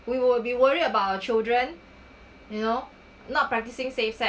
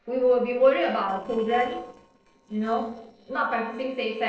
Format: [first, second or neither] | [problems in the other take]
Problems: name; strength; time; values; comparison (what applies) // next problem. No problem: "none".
first | noise reduction (neural separator model SepFormer DNS4)